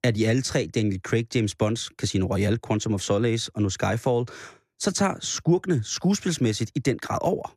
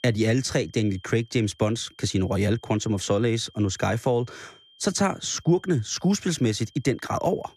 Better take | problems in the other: first | high-pitched whine; faint; throughout; 3 kHz, 30 dB below the speech

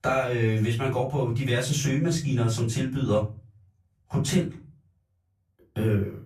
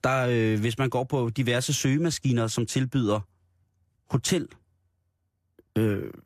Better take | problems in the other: second | off-mic speech; far // room echo; slight; dies away in 0.3 s

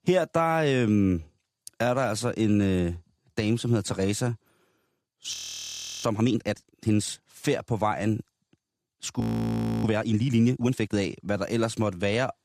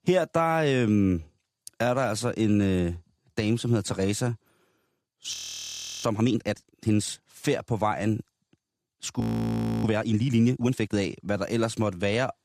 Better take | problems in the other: neither | audio freezing; at 5.5 s for 0.5 s and at 9 s for 0.5 s; the same in both

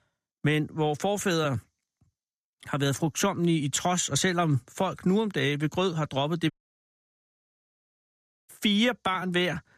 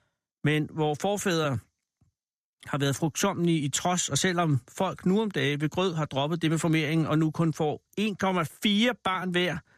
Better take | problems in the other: second | audio cutting out; at 6.5 s for 2 s

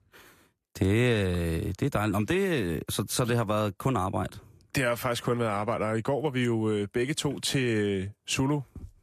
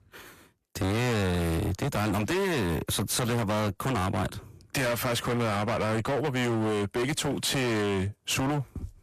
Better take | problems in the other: first | distortion; heavy; 34% of the sound clipped

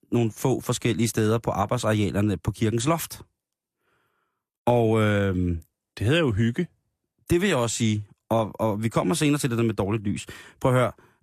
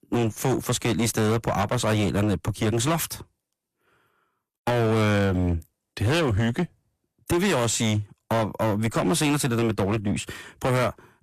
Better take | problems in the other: first | distortion; heavy; 18% of the sound clipped

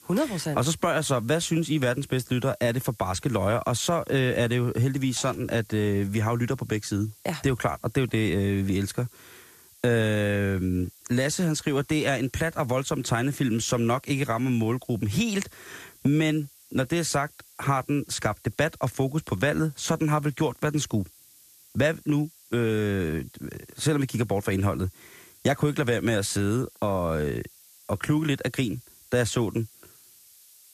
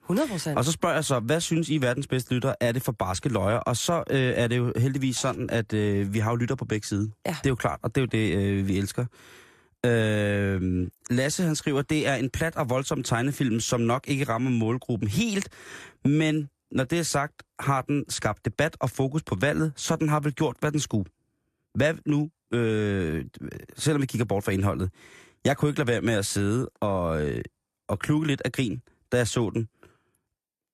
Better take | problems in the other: second | hiss; faint; throughout; 25 dB below the speech

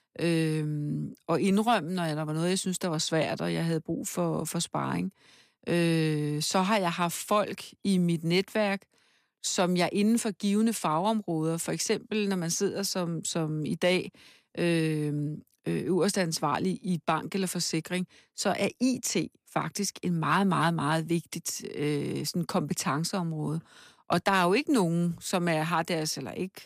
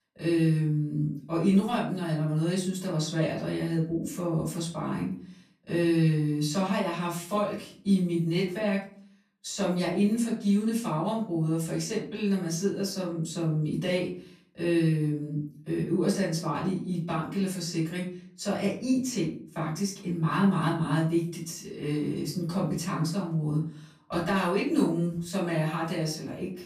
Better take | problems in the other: first | off-mic speech; far // room echo; slight; dies away in 0.4 s

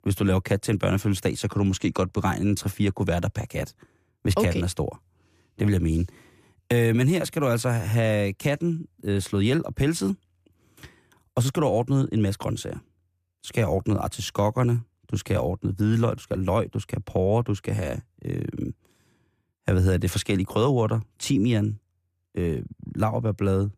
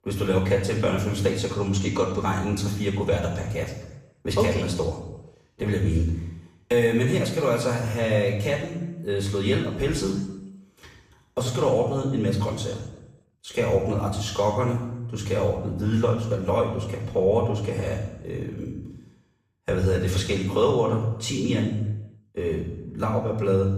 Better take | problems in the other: first | room echo; noticeable; dies away in 0.8 s // off-mic speech; far

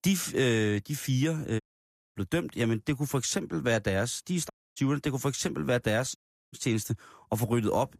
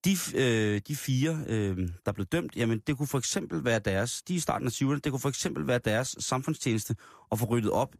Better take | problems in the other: second | audio cutting out; at 1.5 s for 0.5 s, at 4.5 s and at 6 s

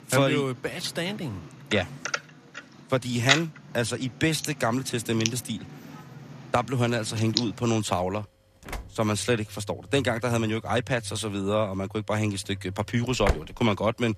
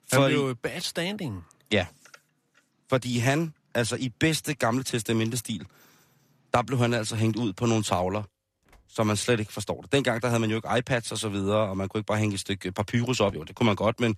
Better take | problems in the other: second | household noises; loud; throughout; 6 dB below the speech; faint in the second

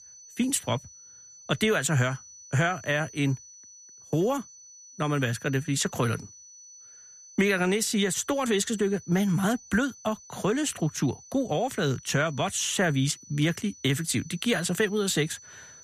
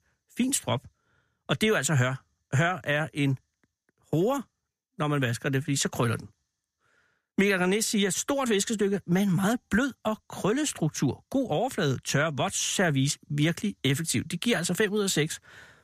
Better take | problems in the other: second | high-pitched whine; noticeable; throughout; 6 kHz, 20 dB below the speech

